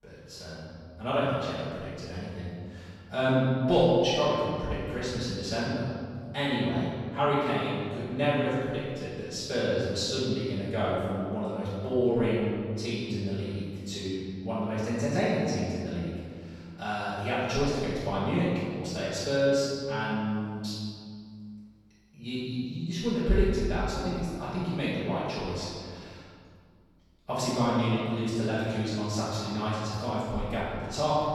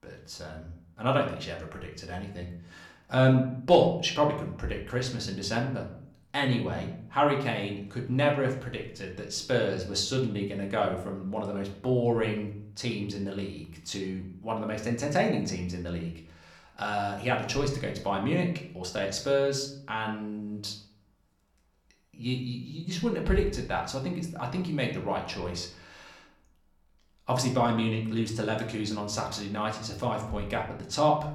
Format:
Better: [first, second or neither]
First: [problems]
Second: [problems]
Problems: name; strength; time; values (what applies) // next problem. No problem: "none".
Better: second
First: room echo; strong; dies away in 2 s // off-mic speech; far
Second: room echo; slight; dies away in 0.5 s // off-mic speech; somewhat distant